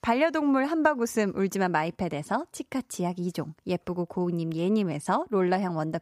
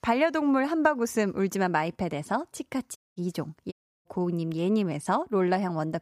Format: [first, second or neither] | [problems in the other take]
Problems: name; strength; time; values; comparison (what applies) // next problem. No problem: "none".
first | audio cutting out; at 3 s and at 3.5 s